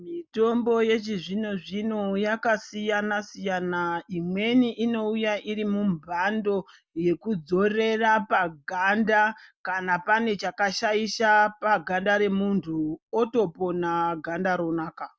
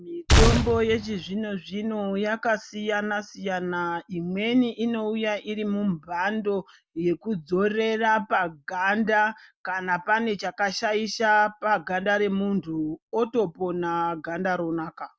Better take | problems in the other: first | background sound (Gunshot, gunfire); 4 dB above the speech

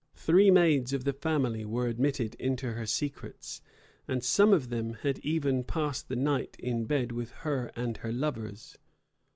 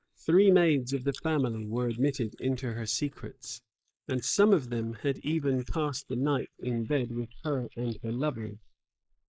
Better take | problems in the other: first | noise reduction (neural mask model Resemble Enhance denoiser)

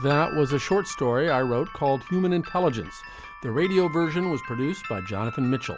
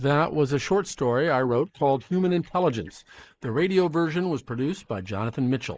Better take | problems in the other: first | noise reduction (neural mask model Resemble Enhance denoiser)

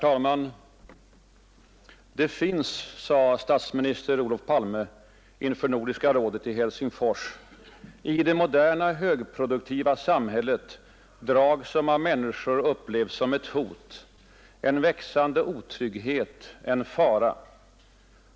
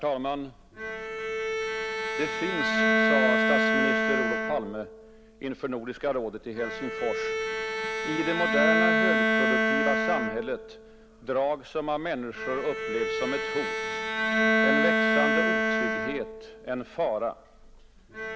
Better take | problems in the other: first | background sound (Bowed string instrument); 4 dB above the speech

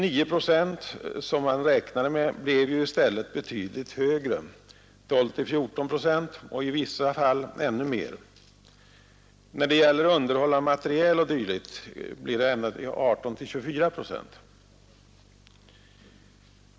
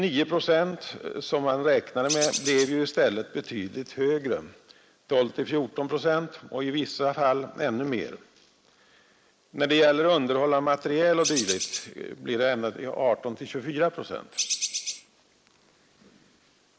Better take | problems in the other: first | noise reduction (neural mask model Resemble Enhance denoiser)

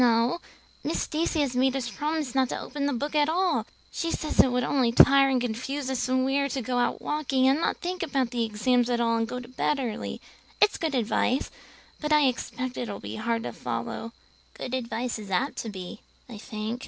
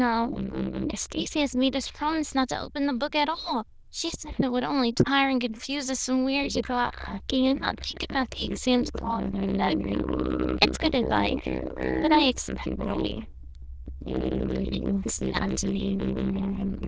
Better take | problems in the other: first | noise reduction (neural diffusion model UNIVERSE++)

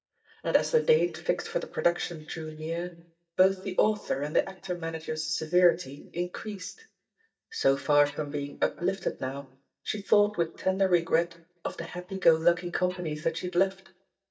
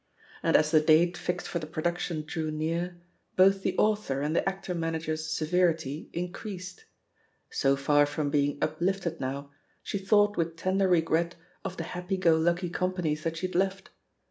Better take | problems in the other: second | noise reduction (neural mask model DeepFilterNet 3)

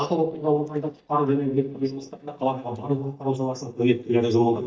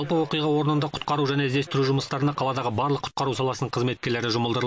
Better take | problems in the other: second | noise reduction (neural mask model DeepFilterNet 3)

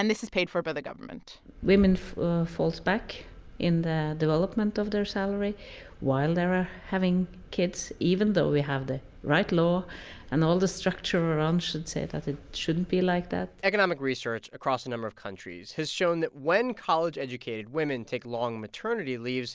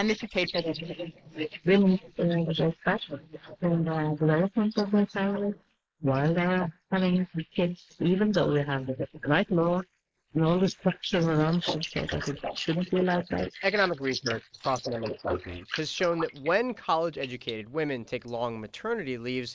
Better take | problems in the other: first | noise reduction (neural mask model Resemble Enhance denoiser)

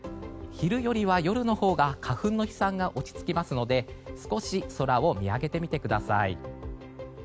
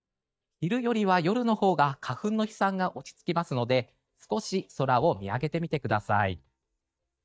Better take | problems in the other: first | noise reduction (neural mask model DeepFilterNet 3)

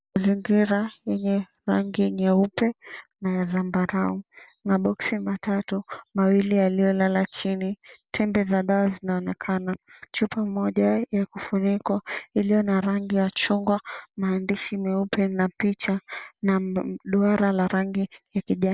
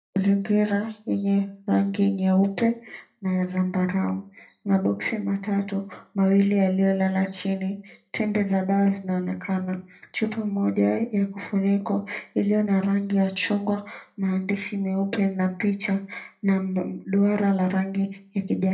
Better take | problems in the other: first | room echo; dies away in 0.3 s

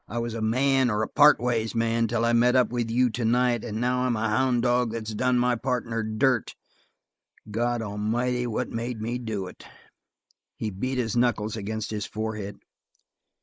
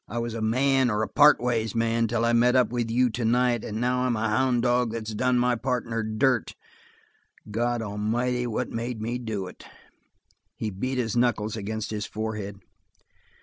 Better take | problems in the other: second | noise reduction (neural mask model Resemble Enhance denoiser)

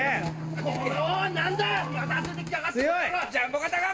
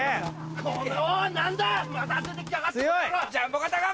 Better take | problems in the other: second | background sound (Bird vocalization, bird call, bird song); 13 dB below the speech // room echo; dies away in 2.1 s

